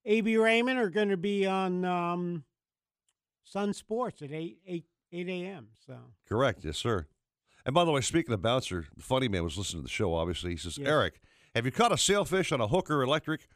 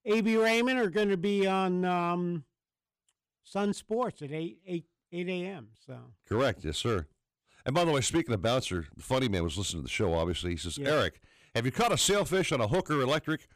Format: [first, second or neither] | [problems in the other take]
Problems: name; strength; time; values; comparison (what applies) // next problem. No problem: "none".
first | distortion; slight; 5% of the sound clipped